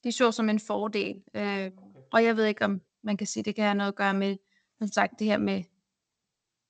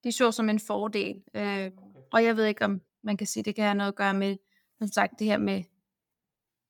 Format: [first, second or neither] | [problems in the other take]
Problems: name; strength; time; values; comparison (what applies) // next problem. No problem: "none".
second | garbled, watery; slightly; nothing above 7.5 kHz